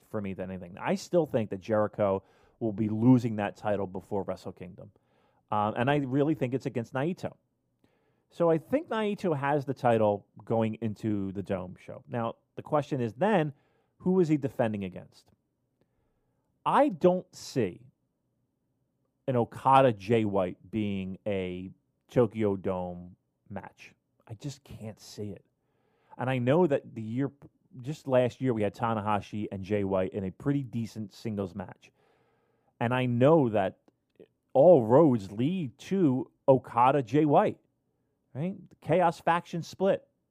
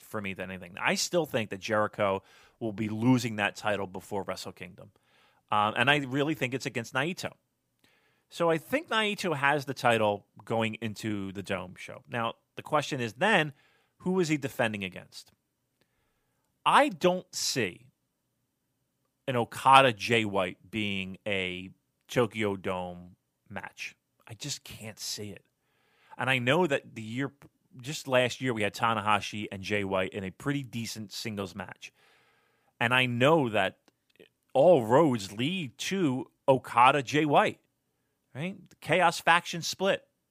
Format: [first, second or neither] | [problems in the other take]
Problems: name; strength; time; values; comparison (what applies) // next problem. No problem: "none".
second | muffled; slightly; fading above 1 kHz